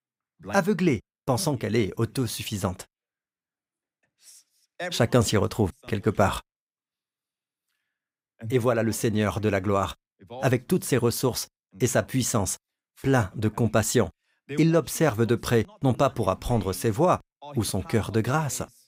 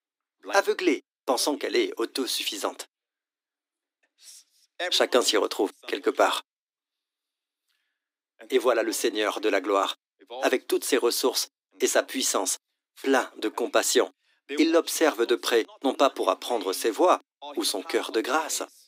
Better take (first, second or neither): first